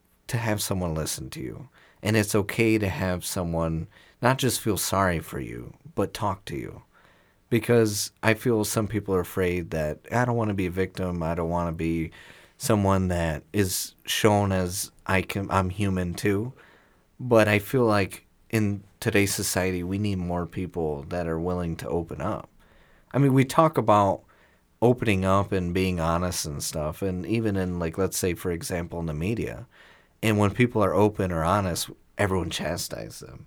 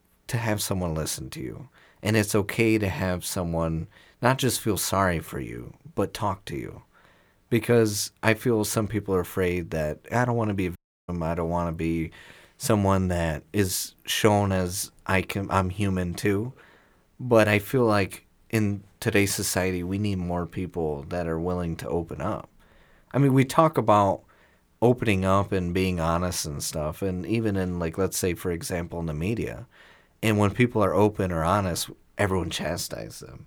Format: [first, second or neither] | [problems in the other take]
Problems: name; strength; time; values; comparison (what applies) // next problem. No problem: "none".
first | audio cutting out; at 11 s